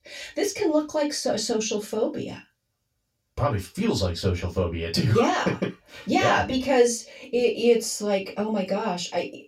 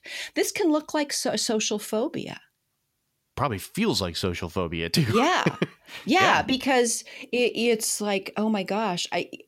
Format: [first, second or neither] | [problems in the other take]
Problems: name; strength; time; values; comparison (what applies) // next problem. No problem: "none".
second | room echo; very slight; dies away in 0.2 s // off-mic speech; far